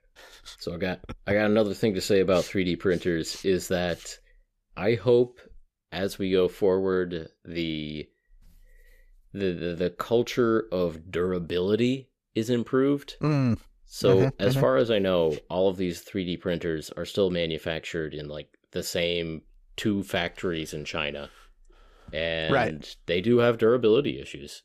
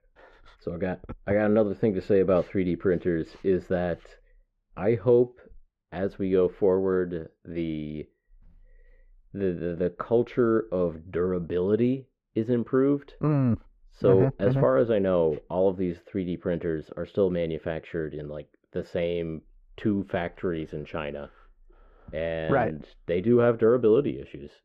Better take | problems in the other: first | muffled; very; fading above 3.5 kHz

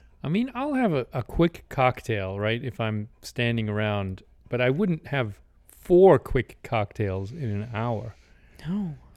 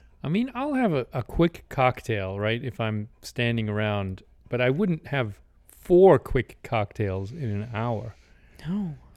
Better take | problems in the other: neither | none

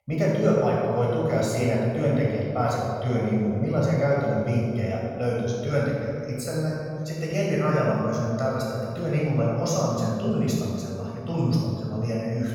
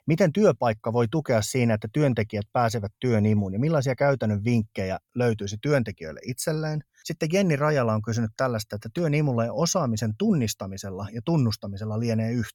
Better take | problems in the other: second | room echo; strong; dies away in 2.1 s // off-mic speech; far

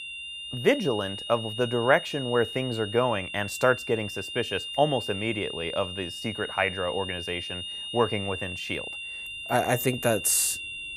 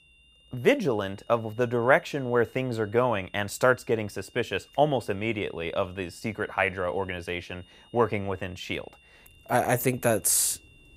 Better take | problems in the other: second | high-pitched whine; loud; throughout; 3 kHz, 7 dB below the speech; faint in the second

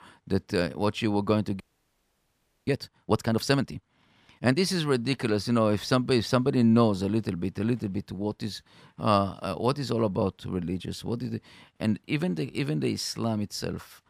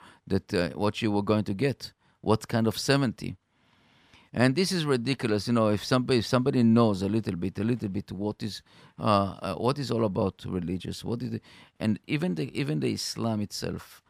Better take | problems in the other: second | audio freezing; at 1.5 s for 1 s

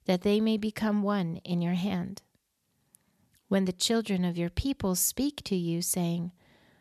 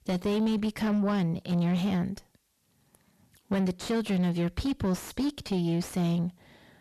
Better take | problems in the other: first | distortion; heavy; 7 dB below the speech

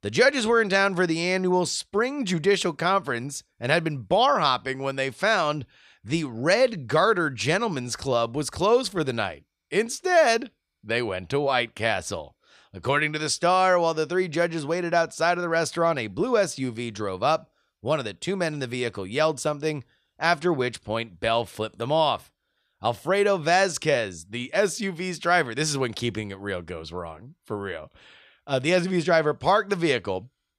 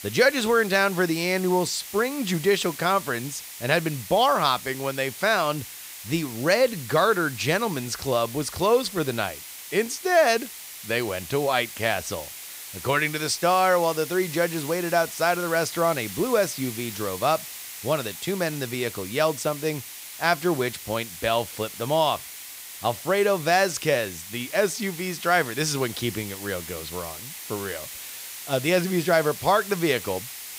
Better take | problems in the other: first | hiss; noticeable; throughout; 10 dB below the speech

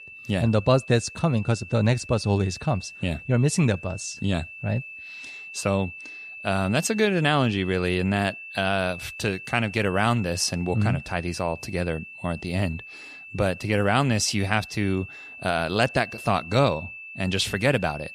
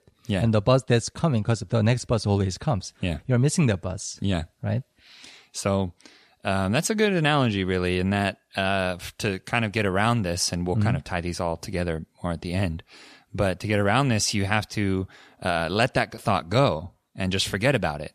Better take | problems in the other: second | high-pitched whine; noticeable; throughout; 2.5 kHz, 15 dB below the speech

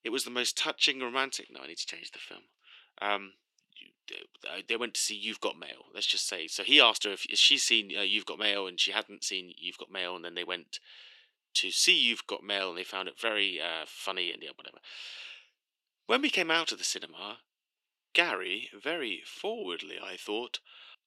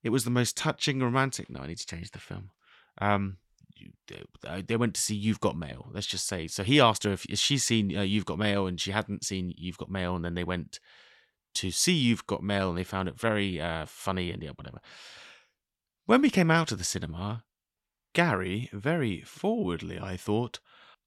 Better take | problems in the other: second | thin; somewhat; fading below 350 Hz

